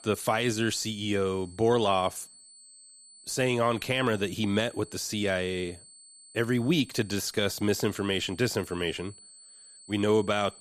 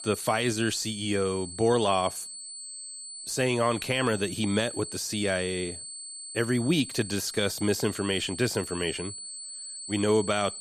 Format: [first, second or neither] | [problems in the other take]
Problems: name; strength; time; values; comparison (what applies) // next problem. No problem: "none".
first | high-pitched whine; loud; throughout; 8 kHz, 10 dB below the speech; faint in the first